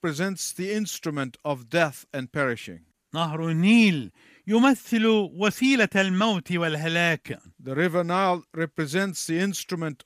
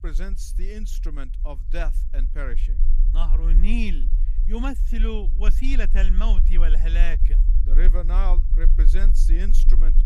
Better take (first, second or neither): first